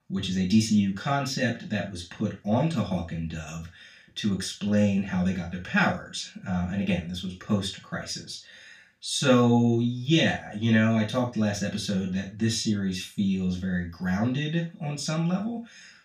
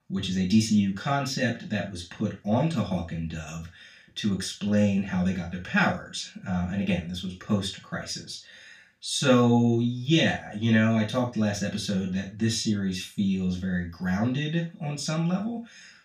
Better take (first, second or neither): neither